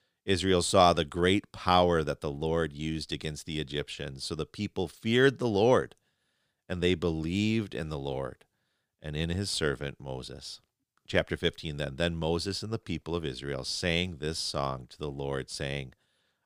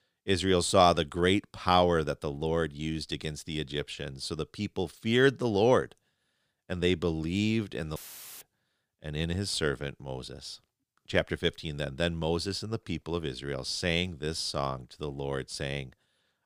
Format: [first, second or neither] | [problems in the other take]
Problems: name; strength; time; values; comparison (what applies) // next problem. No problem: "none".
first | audio cutting out; filled with static; at 8 s